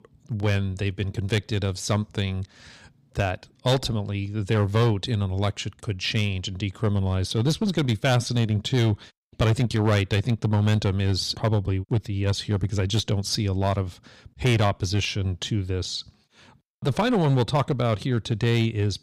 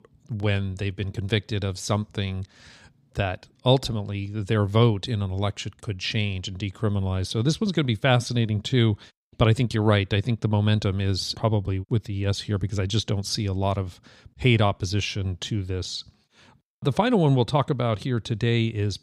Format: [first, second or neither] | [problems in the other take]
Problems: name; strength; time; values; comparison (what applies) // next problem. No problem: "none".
second | distortion; slight; 6% of the sound clipped